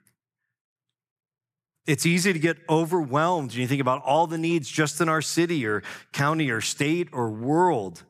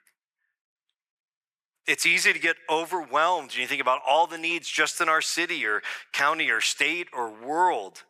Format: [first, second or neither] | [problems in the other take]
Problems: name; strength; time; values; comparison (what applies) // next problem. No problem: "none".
first | thin; very; fading below 600 Hz